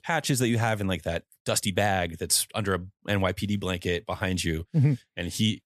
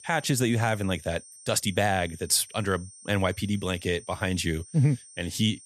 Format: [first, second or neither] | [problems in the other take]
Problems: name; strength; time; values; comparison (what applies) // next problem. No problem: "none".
first | high-pitched whine; noticeable; throughout; 8.5 kHz, 20 dB below the speech